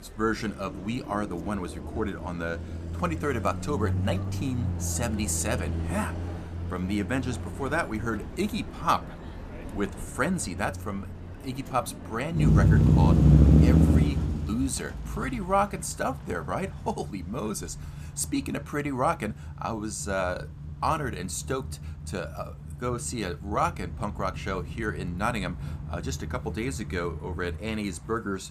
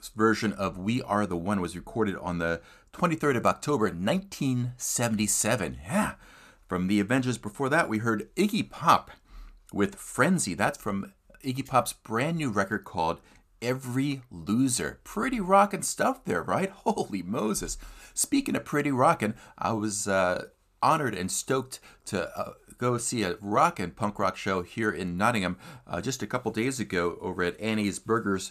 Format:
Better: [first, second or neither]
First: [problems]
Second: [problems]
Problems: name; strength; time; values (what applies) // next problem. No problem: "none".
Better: second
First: traffic noise; very loud; throughout; 3 dB above the speech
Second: none